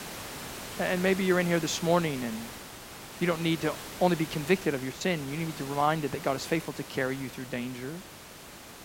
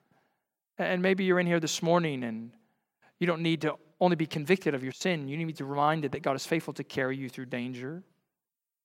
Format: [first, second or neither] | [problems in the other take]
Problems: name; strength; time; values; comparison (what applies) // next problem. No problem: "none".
second | hiss; noticeable; throughout; 10 dB below the speech